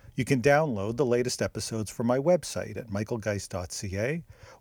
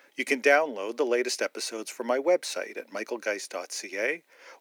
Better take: first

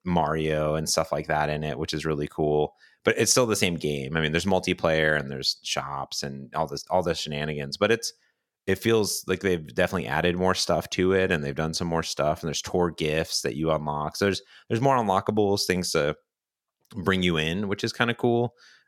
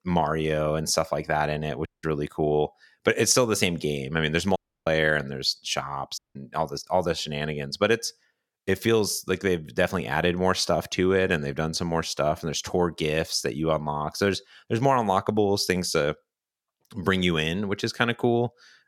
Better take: first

